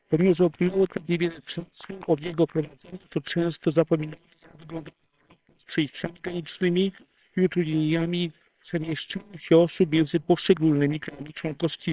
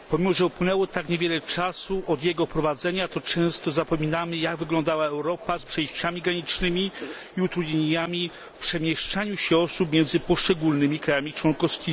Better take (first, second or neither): second